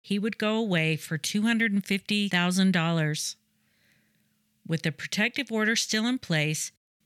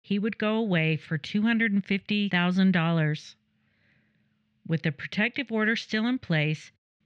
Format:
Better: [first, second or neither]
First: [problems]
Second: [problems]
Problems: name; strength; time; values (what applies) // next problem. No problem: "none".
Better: first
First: none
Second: muffled; slightly; fading above 3 kHz